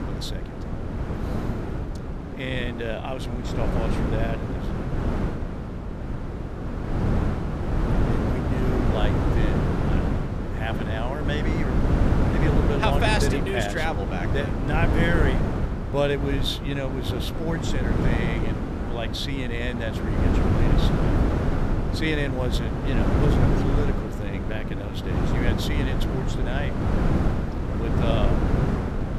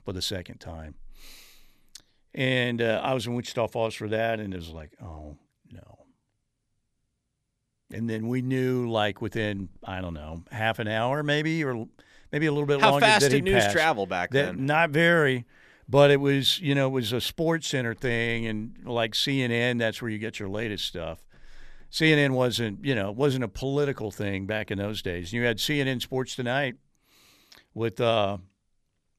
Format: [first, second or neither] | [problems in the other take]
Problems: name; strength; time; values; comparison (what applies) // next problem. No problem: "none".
second | wind noise on the microphone; heavy; 1 dB below the speech